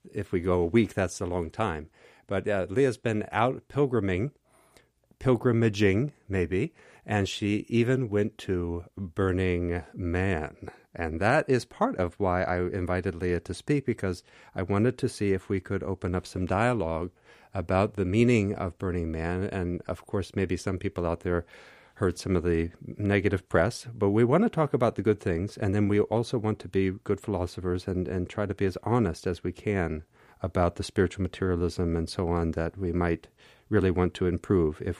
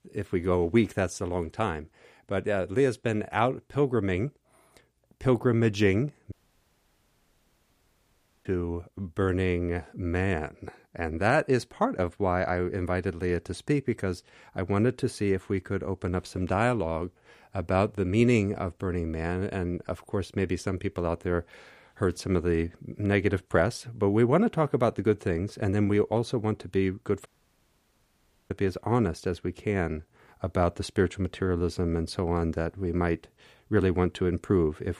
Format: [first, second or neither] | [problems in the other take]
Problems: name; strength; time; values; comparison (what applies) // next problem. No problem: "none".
first | audio cutting out; at 6.5 s for 2 s and at 27 s for 1 s